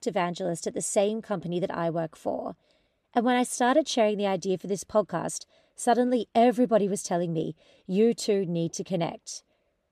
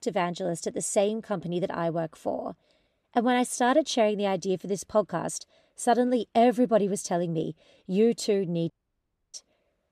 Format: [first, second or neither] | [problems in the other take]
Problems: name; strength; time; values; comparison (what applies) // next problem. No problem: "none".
first | audio cutting out; at 8.5 s for 0.5 s